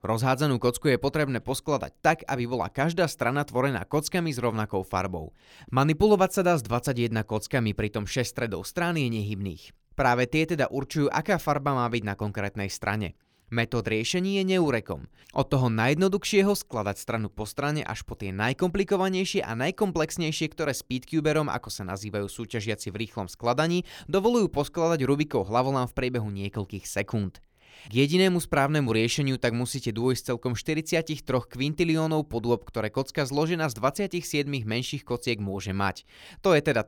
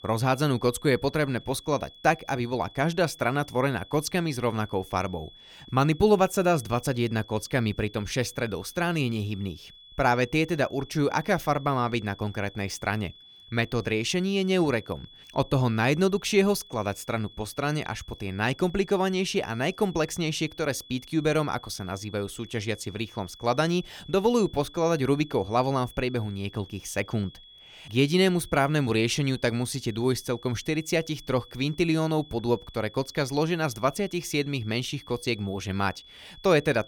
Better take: first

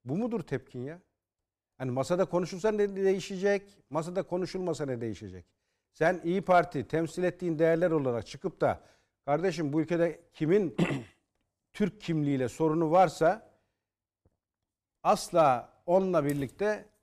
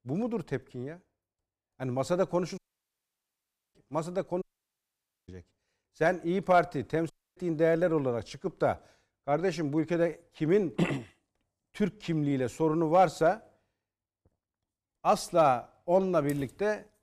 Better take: first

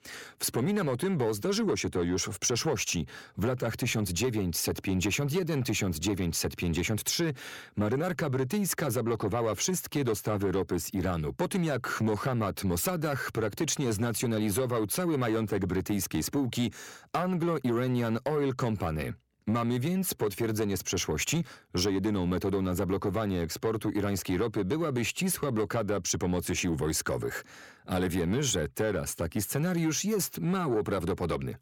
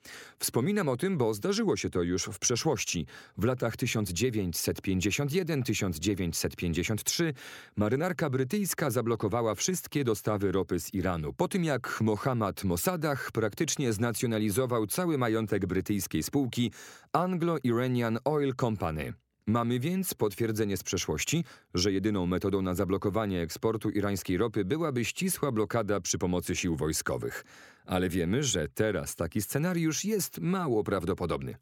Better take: second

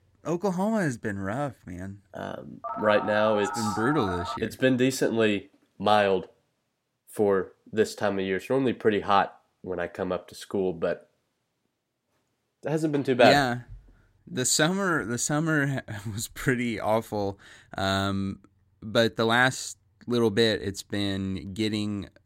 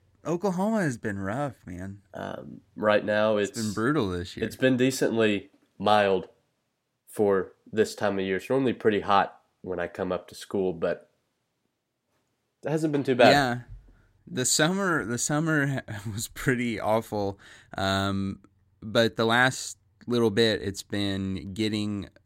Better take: second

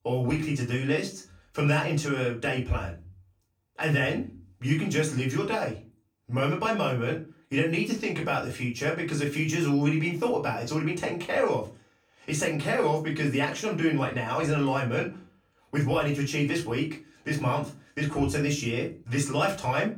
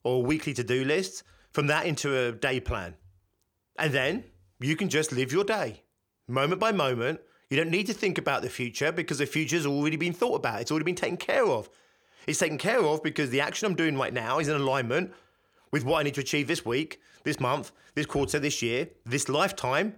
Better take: second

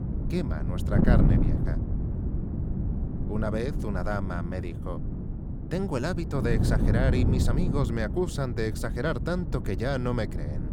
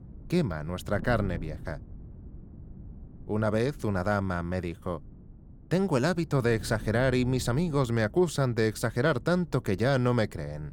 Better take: second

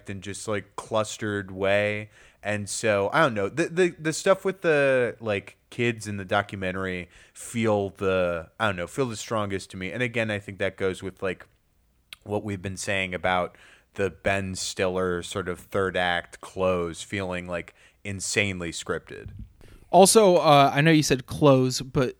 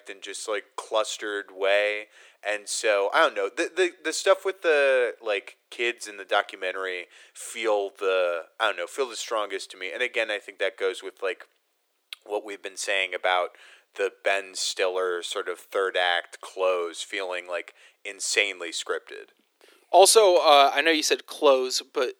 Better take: first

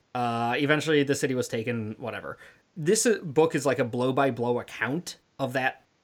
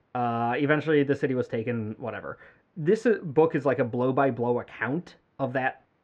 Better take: first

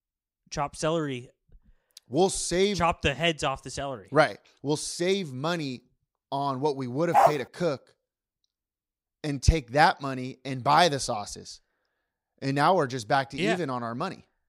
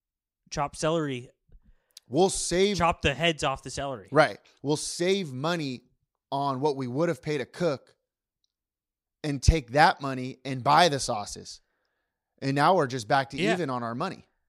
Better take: second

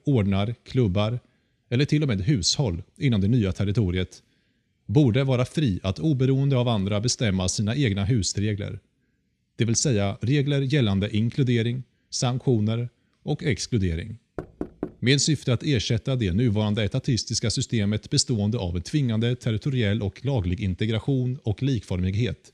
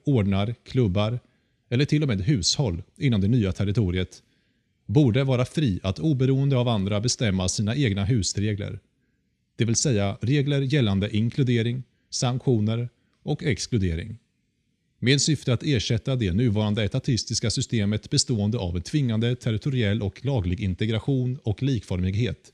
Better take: second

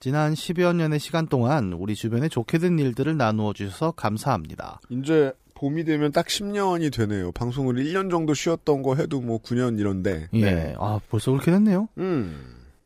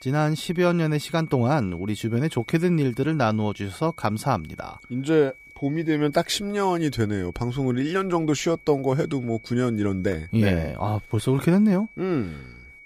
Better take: first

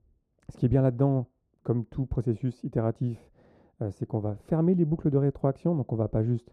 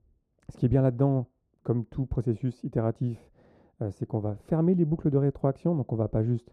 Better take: neither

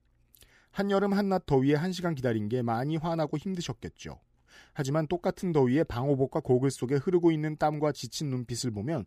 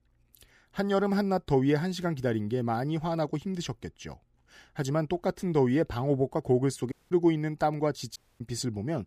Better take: first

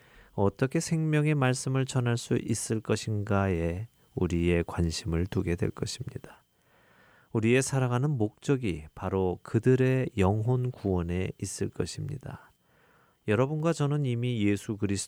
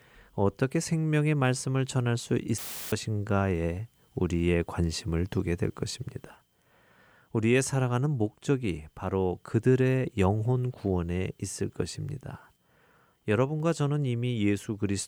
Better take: first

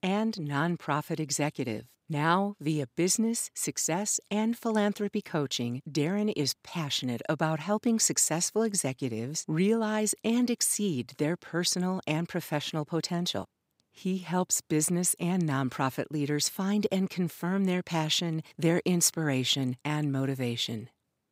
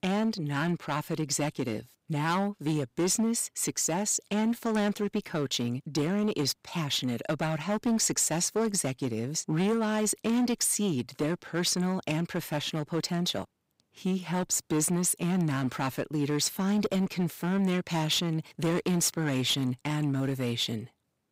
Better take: first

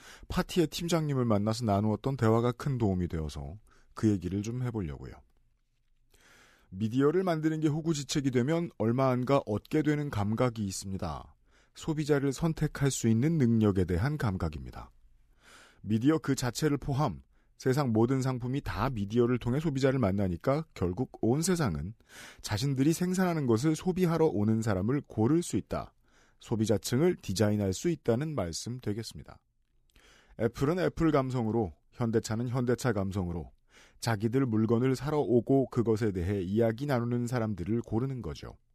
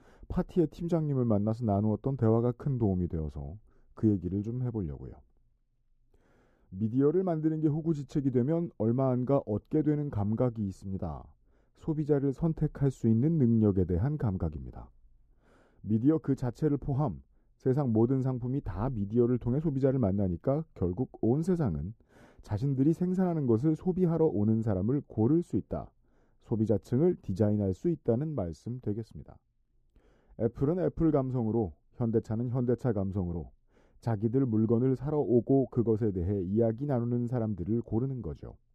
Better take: first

